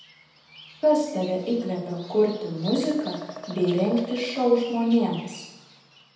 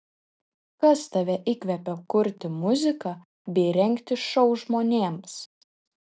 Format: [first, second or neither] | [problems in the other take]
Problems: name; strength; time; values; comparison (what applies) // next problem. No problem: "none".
second | background sound (Bird vocalization, bird call, bird song); 17 dB below the speech // room echo; dies away in 0.9 s